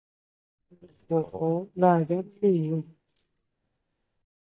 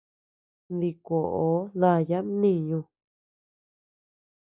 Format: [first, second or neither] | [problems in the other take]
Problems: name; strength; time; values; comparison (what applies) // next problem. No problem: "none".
second | noise reduction (neural mask model DeepFilterNet 3)